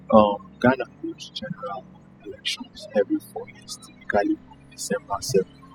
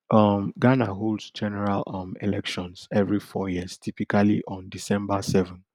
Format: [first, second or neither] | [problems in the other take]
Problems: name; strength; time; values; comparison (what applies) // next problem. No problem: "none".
second | noise reduction (classical method spectral subtraction)